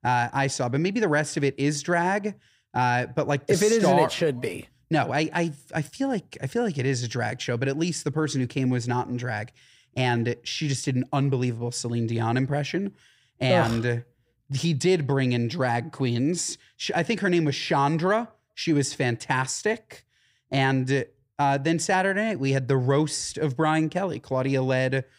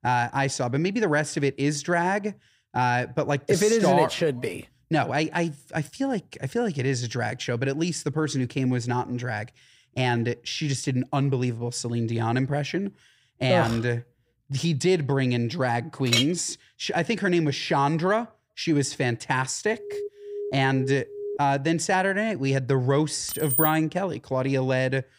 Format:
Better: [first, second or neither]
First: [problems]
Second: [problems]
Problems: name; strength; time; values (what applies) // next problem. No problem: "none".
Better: first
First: none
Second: clattering dishes; loud; at 16 s; peak 2 dB above the speech // alarm; noticeable; from 20 to 21 s; peak 9 dB below the speech // jangling keys; loud; at 23 s; peak 2 dB above the speech